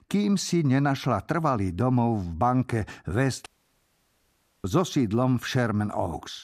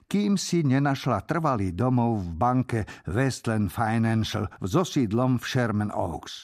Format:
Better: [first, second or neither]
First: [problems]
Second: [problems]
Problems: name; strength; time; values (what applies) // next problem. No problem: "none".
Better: second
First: audio cutting out; at 3.5 s for 1 s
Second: none